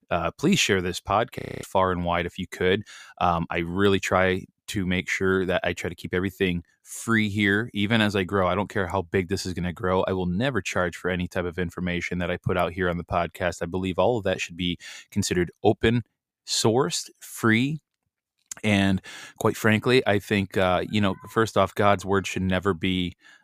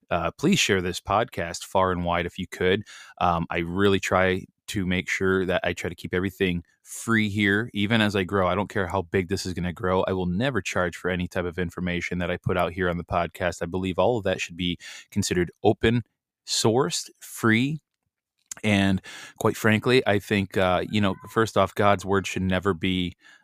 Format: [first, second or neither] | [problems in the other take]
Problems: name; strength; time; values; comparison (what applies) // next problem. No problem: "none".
second | audio freezing; at 1.5 s